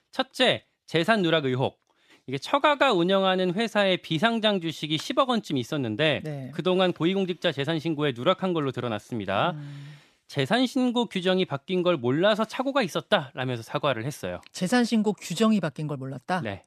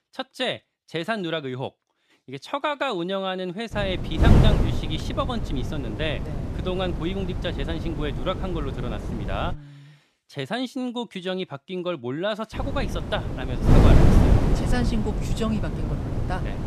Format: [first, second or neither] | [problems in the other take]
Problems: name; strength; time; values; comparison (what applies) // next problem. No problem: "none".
first | wind noise on the microphone; heavy; from 3.5 to 9.5 s and from 13 s on; 2 dB below the speech